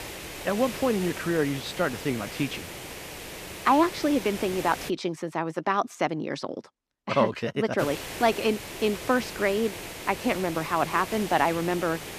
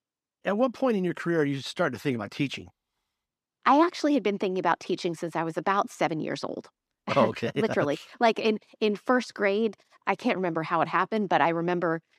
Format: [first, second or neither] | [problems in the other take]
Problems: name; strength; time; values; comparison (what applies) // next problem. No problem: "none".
second | hiss; loud; until 5 s and from 8 s on; 10 dB below the speech